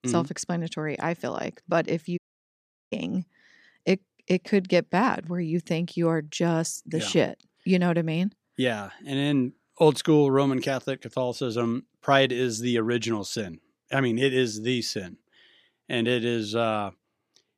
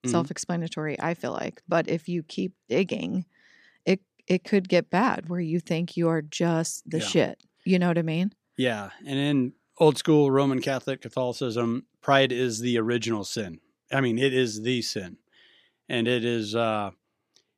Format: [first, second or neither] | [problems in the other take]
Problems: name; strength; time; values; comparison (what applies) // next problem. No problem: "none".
second | audio cutting out; at 2 s for 0.5 s